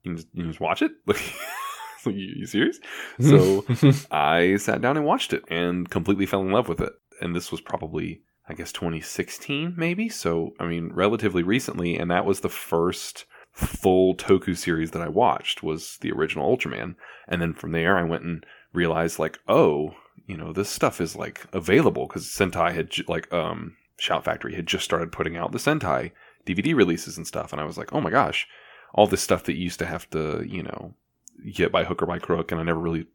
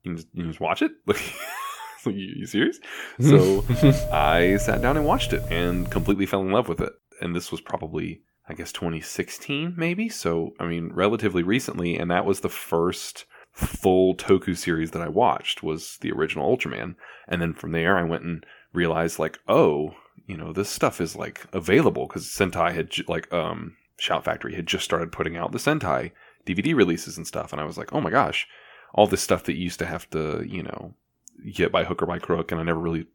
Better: first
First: none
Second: doorbell; noticeable; from 3.5 to 6 s; peak 3 dB below the speech

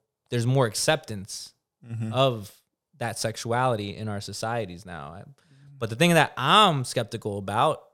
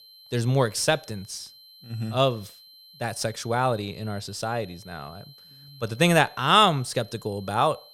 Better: first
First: none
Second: high-pitched whine; faint; throughout; 4 kHz, 25 dB below the speech

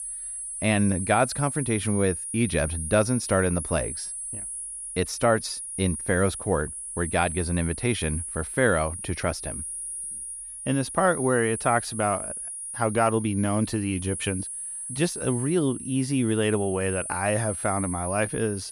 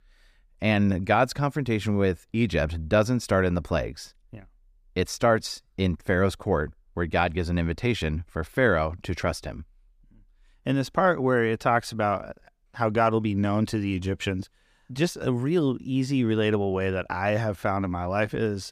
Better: second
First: high-pitched whine; loud; throughout; 10 kHz, 6 dB below the speech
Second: none

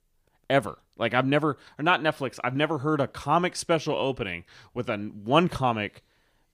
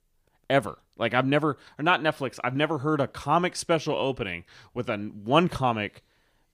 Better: neither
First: none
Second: none

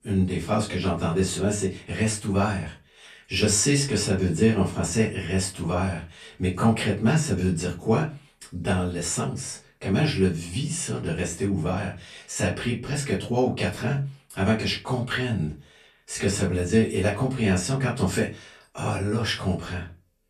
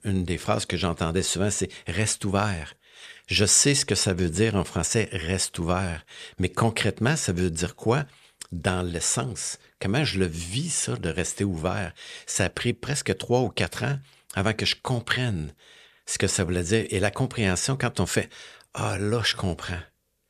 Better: second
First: off-mic speech; far // room echo; slight; dies away in 0.3 s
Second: none

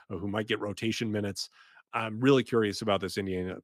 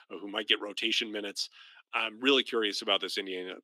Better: first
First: none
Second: thin; very slightly; fading below 300 Hz

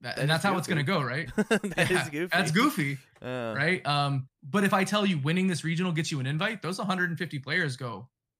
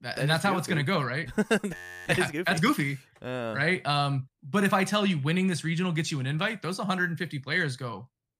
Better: first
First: none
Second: audio freezing; at 2 s

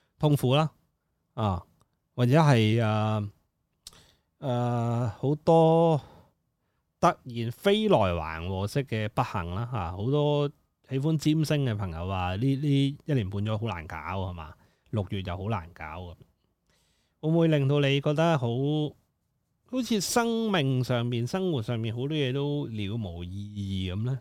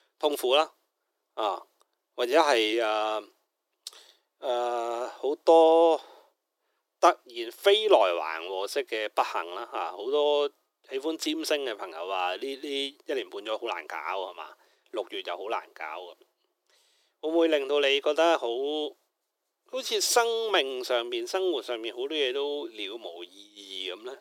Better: first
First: none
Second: thin; very; fading below 350 Hz

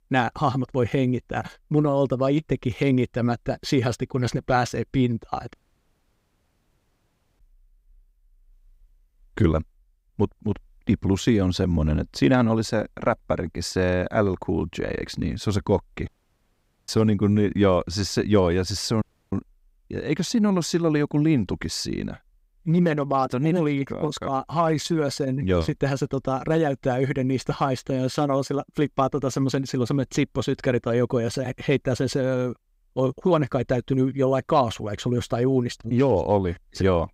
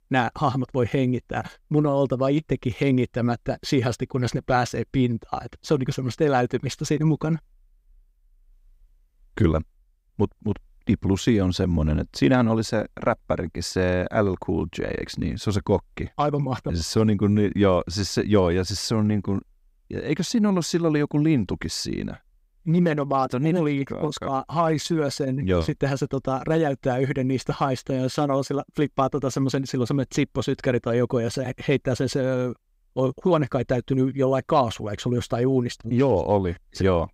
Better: second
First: audio cutting out; at 5.5 s for 2 s, at 16 s for 1 s and at 19 s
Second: none

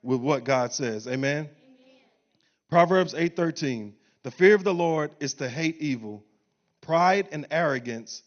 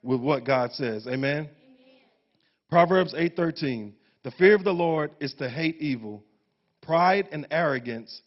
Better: first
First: garbled, watery; slightly; nothing above 6.5 kHz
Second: garbled, watery; badly; nothing above 5.5 kHz

